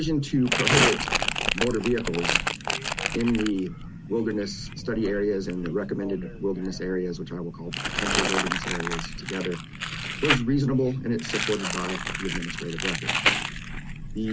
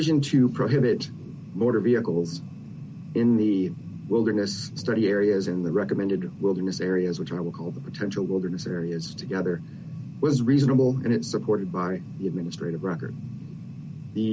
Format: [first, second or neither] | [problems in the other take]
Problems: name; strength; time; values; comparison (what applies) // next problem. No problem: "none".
second | background sound (Crumpling, crinkling); 1 dB below the speech